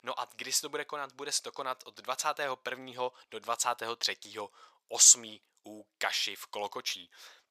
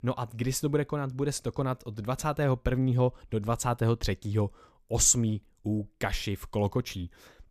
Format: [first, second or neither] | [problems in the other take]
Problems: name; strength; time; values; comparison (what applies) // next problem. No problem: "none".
second | thin; very; fading below 850 Hz